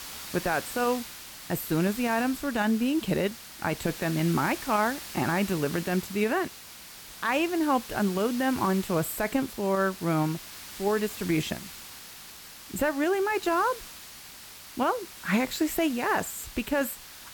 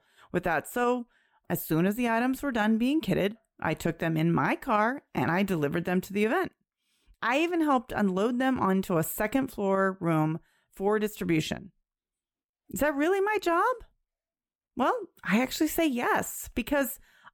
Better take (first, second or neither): second